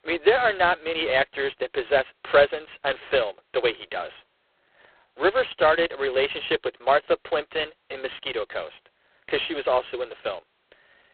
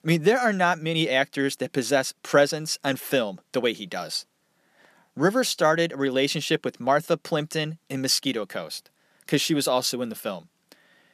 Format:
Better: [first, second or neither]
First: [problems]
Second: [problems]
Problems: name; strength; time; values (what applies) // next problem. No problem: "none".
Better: second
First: phone-call audio; poor line; nothing above 4 kHz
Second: none